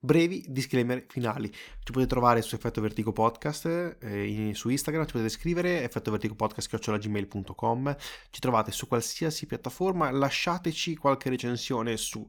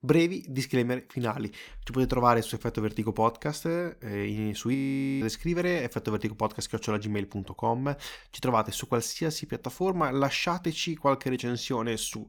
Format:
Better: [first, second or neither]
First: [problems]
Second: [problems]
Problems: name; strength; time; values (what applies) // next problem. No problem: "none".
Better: first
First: none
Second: audio freezing; at 5 s